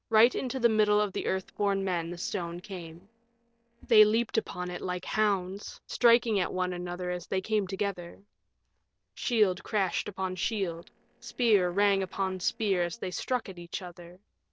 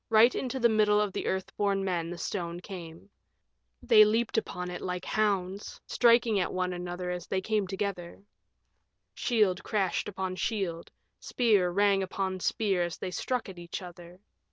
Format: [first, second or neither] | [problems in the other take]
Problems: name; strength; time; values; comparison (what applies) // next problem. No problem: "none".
second | noise reduction (neural separator model SepFormer DNS4)